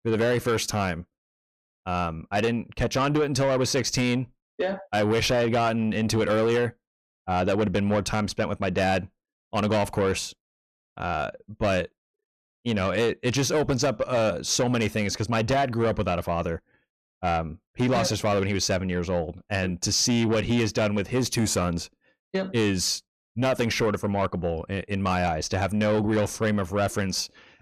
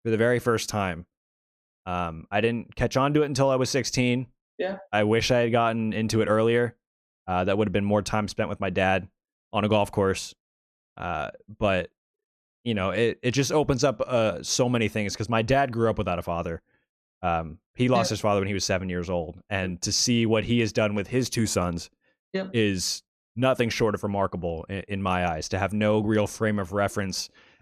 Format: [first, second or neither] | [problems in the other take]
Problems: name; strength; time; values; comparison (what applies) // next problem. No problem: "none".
second | distortion; slight; 10 dB below the speech